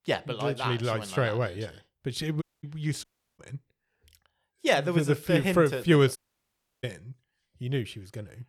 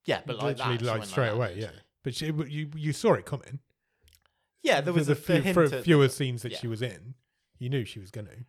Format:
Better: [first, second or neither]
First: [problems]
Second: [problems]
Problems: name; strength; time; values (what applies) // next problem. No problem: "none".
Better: second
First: audio cutting out; at 2.5 s, at 3 s and at 6 s for 0.5 s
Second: none